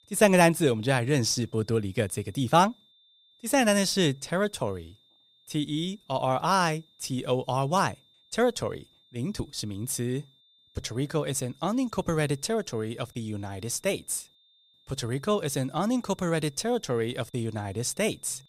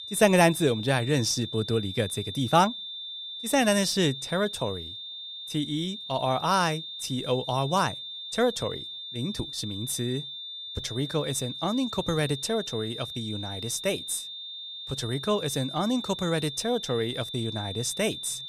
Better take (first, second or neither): first